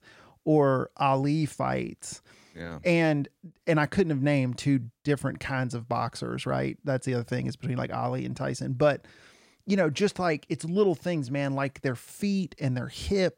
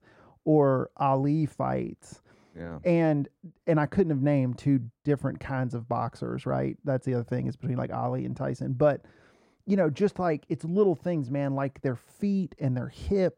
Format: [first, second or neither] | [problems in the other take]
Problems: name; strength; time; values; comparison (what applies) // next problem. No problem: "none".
first | muffled; slightly; fading above 1.5 kHz